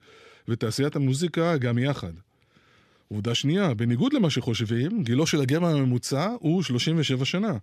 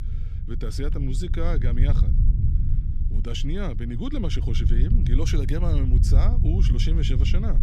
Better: first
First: none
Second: low rumble; loud; throughout; 6 dB below the speech

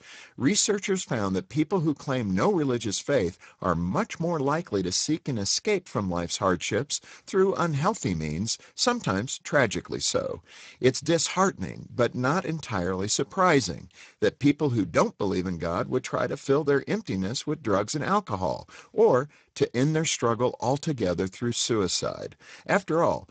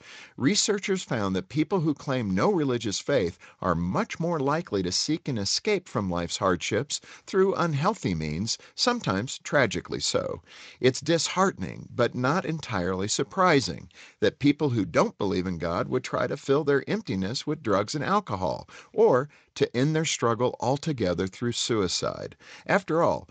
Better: second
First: garbled, watery; badly; nothing above 7.5 kHz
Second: garbled, watery; slightly; nothing above 7.5 kHz

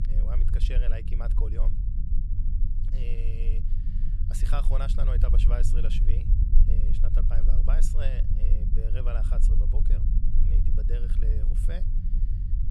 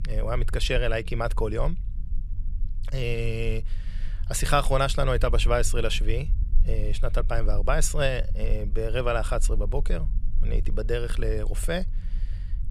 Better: second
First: low rumble; loud; throughout; 5 dB below the speech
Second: low rumble; faint; throughout; 25 dB below the speech

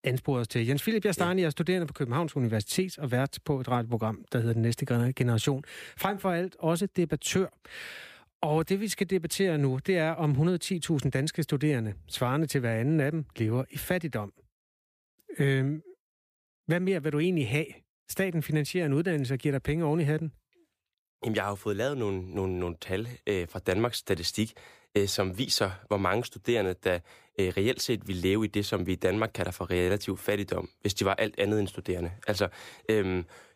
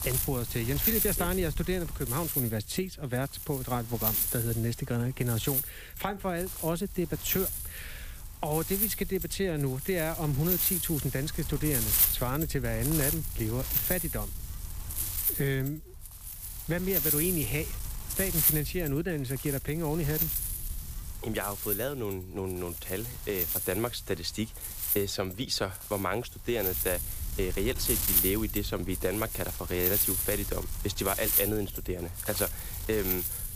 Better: first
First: none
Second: wind noise on the microphone; heavy; 3 dB below the speech

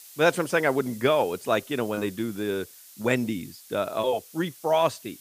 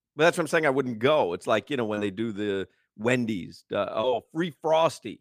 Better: second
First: hiss; noticeable; throughout; 20 dB below the speech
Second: none

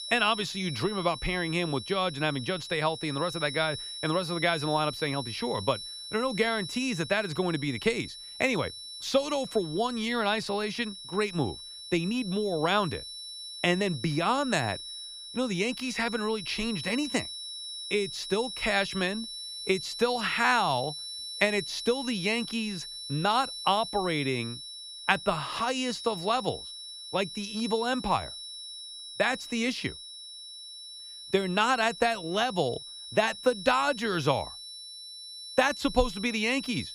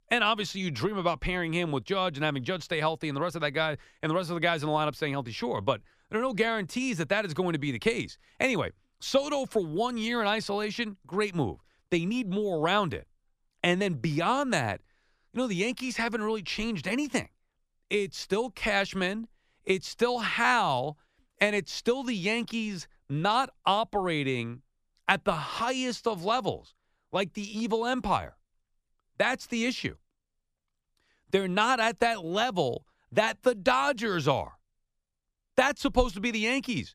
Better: second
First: high-pitched whine; loud; throughout; 4 kHz, 9 dB below the speech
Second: none

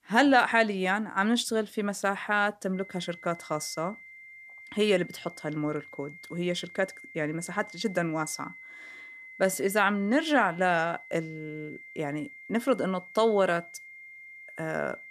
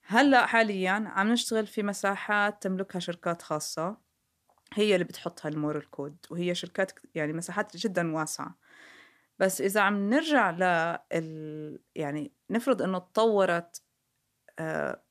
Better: second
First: high-pitched whine; noticeable; from 2.5 s on; 2 kHz, 15 dB below the speech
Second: none

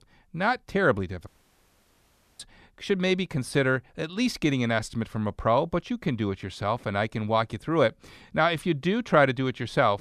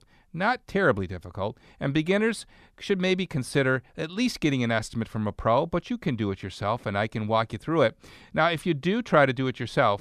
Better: second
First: audio cutting out; at 1.5 s for 1 s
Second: none

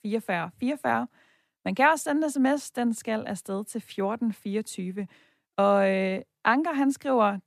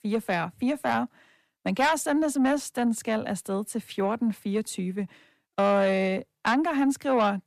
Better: first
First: none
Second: distortion; slight; 10 dB below the speech

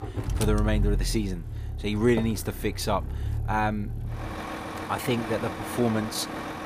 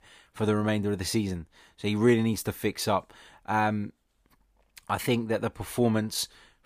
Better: second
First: traffic noise; loud; throughout; 5 dB below the speech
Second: none

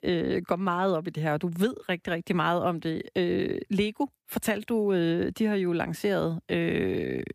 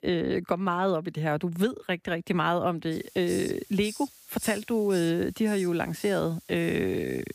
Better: first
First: none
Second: hiss; noticeable; from 3 s on; 15 dB below the speech

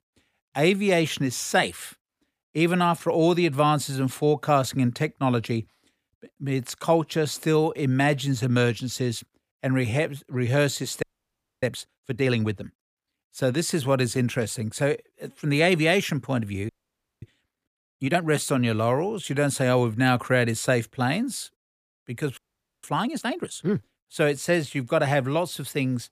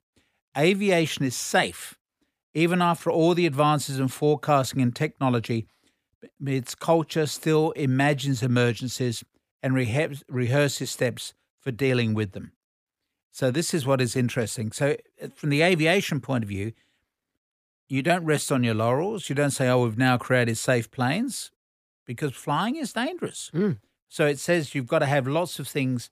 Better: second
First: audio freezing; at 11 s for 0.5 s, at 17 s for 0.5 s and at 22 s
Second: none

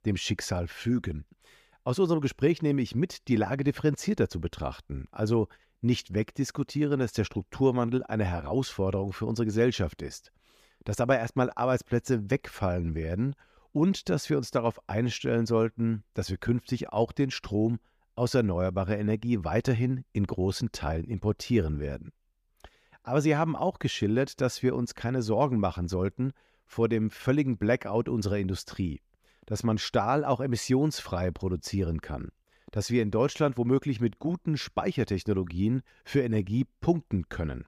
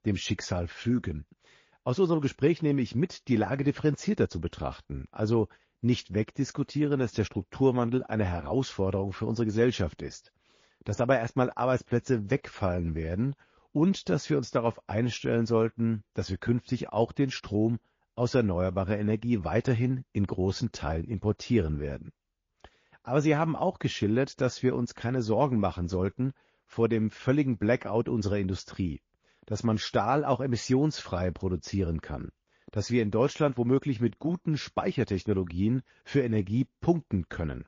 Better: first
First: none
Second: garbled, watery; slightly; nothing above 6.5 kHz

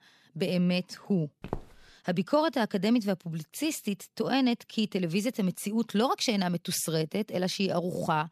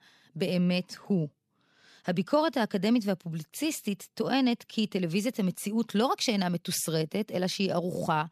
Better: second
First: footsteps; faint; at 1.5 s; peak 10 dB below the speech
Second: none

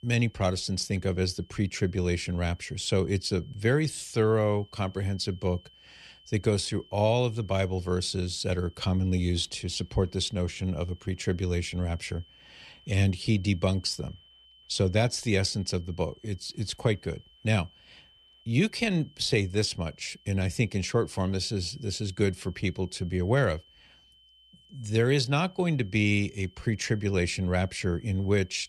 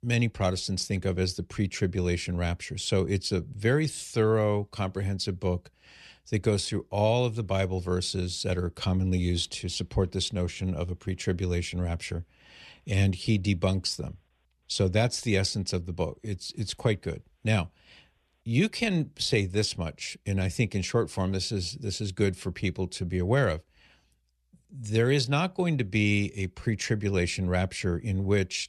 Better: second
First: high-pitched whine; faint; throughout; 3 kHz, 30 dB below the speech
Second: none

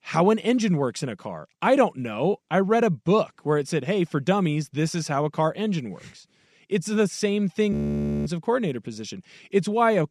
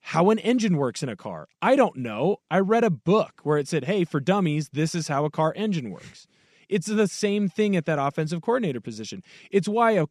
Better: second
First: audio freezing; at 7.5 s for 0.5 s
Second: none

